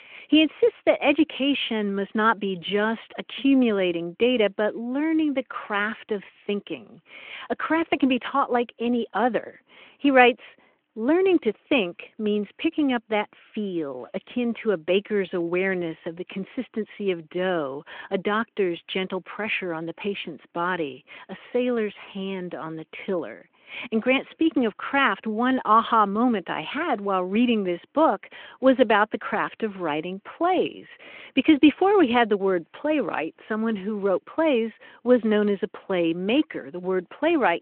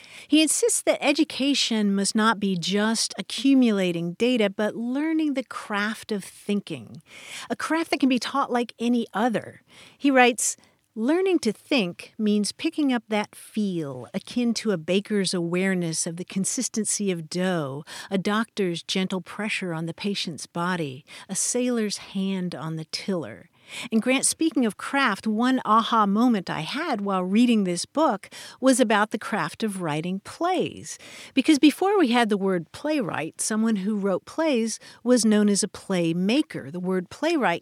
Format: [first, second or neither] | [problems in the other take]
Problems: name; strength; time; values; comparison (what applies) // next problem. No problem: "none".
second | phone-call audio